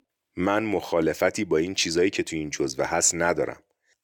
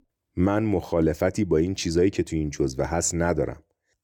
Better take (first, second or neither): second